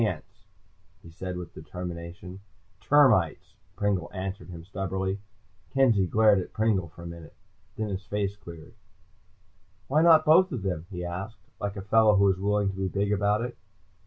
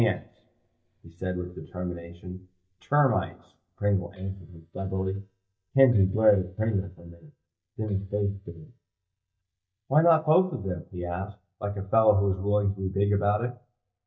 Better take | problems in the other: first | noise reduction (neural mask model DeepFilterNet 3)

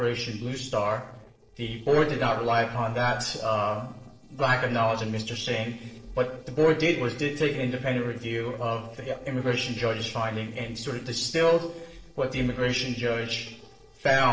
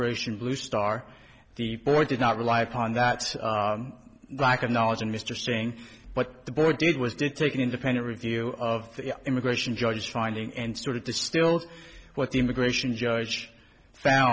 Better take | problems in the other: second | noise reduction (neural separator model SepFormer DNS4)

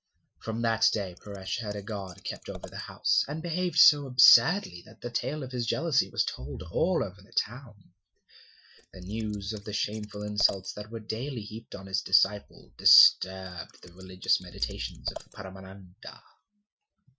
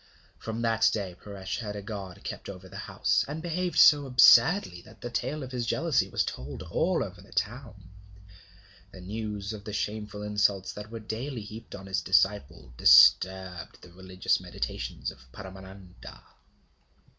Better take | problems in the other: second | noise reduction (classical method Wiener filter)

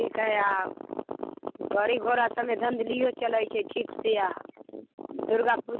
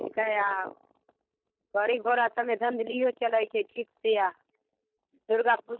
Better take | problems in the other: first | noise reduction (neural mask model DeepFilterNet 3)

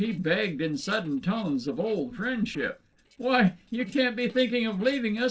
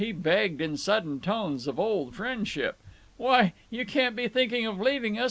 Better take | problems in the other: second | noise reduction (neural separator model SepFormer DNS4)

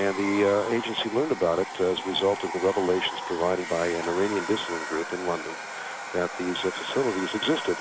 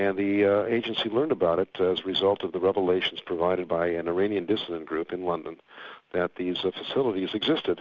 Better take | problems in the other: second | background sound (Domestic sounds, home sounds); 8 dB below the speech

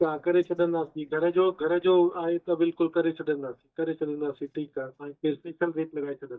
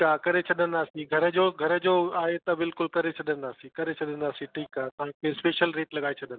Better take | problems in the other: second | noise reduction (neural mask model DeepFilterNet 3)

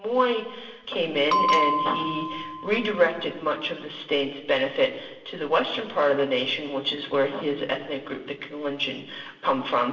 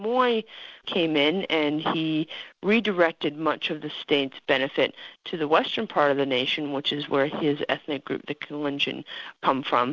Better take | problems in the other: second | background sound (Bell); 1 dB below the speech // room echo; dies away in 1.2 s

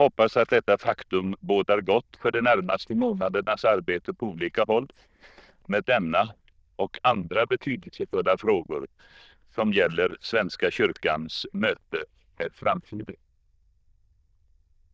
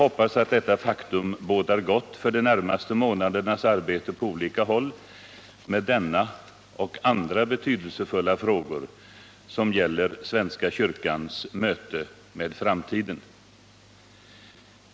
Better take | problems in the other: second | noise reduction (neural diffusion model UNIVERSE++)

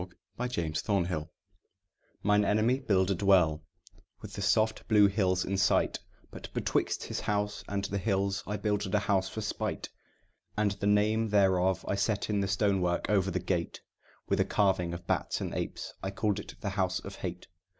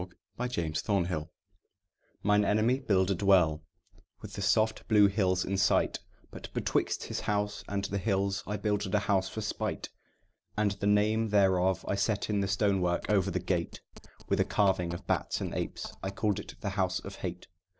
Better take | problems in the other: first | noise reduction (neural separator model SepFormer DNS4)

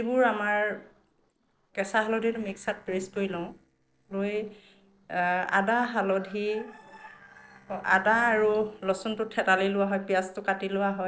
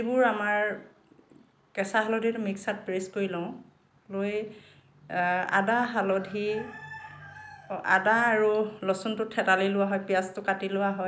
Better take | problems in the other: second | noise reduction (neural separator model SepFormer DNS4)

